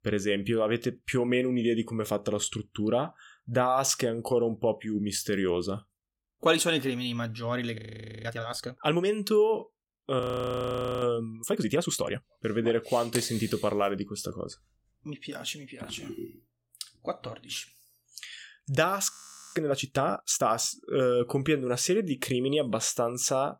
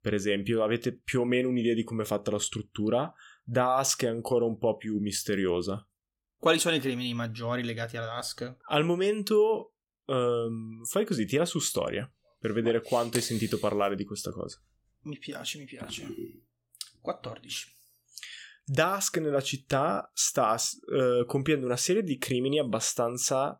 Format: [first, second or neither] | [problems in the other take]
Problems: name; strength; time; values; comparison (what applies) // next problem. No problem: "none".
second | audio freezing; at 8 s, at 10 s for 1 s and at 19 s